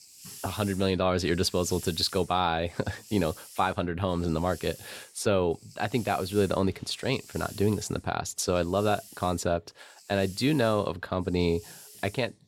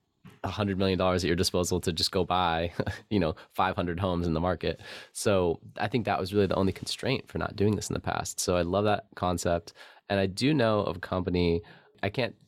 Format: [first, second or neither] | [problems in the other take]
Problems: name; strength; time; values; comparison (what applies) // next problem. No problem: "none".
second | hiss; noticeable; throughout; 20 dB below the speech